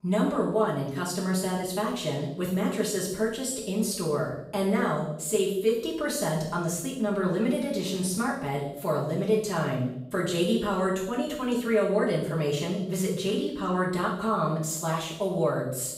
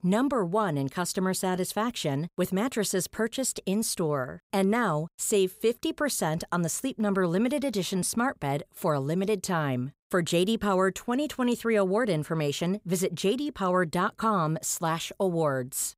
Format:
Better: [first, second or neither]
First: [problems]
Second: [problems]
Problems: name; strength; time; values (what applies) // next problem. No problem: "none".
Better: second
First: room echo; noticeable; dies away in 0.7 s // off-mic speech; far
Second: none